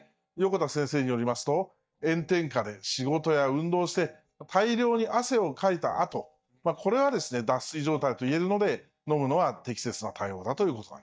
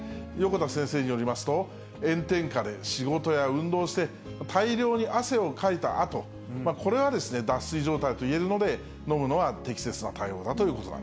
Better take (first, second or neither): second